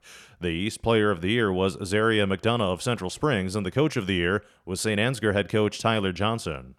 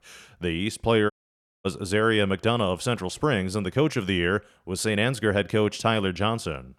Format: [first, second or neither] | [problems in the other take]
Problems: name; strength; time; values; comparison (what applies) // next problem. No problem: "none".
first | audio cutting out; at 1 s for 0.5 s